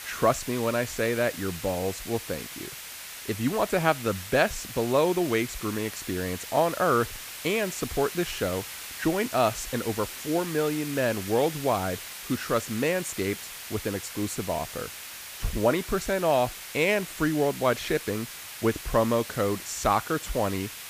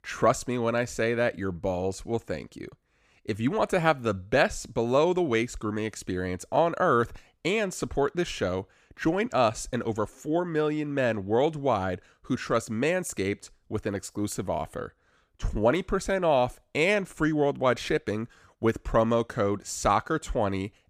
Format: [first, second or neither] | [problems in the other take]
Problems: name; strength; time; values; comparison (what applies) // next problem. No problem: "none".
second | hiss; loud; throughout; 10 dB below the speech